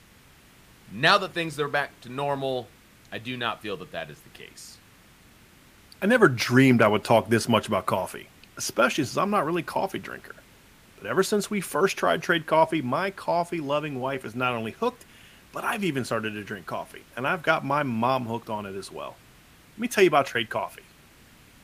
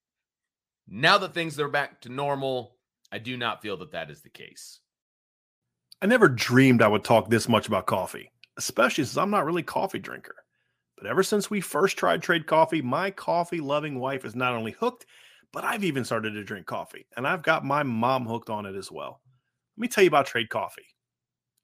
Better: second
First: hiss; faint; throughout; 30 dB below the speech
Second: none

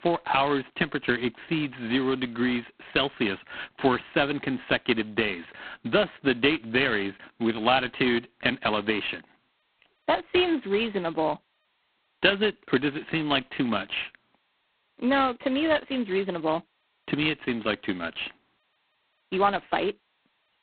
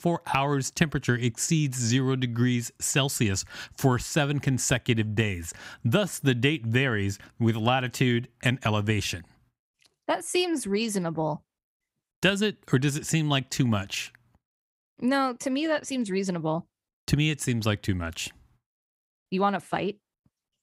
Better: second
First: phone-call audio; poor line; nothing above 4 kHz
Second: none

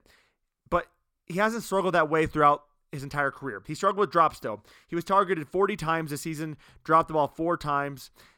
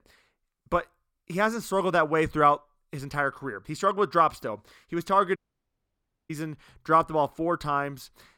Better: first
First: none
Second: audio cutting out; at 5.5 s for 1 s

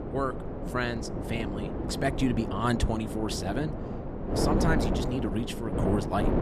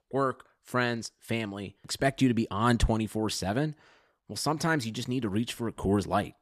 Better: second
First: wind noise on the microphone; heavy; 3 dB below the speech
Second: none

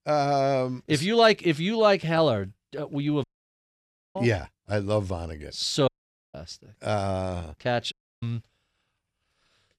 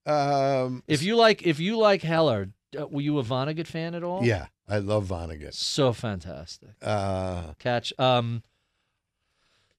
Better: second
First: audio cutting out; at 3 s for 1 s, at 6 s and at 8 s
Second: none

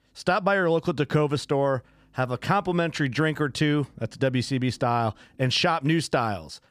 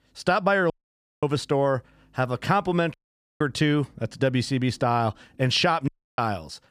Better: first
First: none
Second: audio cutting out; at 0.5 s for 0.5 s, at 3 s and at 6 s

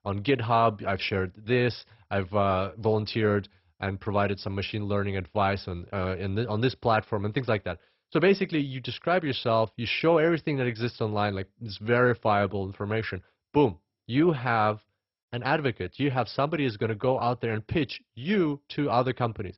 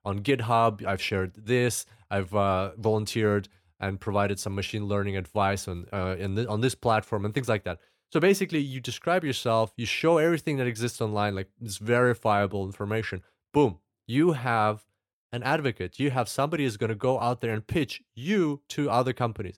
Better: second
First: garbled, watery; badly; nothing above 5.5 kHz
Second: none

